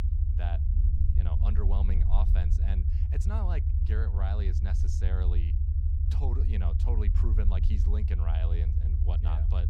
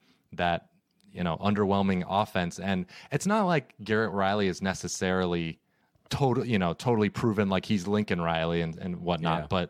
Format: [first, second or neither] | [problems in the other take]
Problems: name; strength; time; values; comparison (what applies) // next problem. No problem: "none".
second | low rumble; loud; throughout; 2 dB below the speech